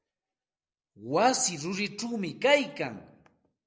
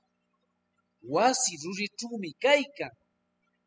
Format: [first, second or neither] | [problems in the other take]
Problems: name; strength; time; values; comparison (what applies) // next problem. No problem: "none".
first | noise reduction (classical method spectral subtraction)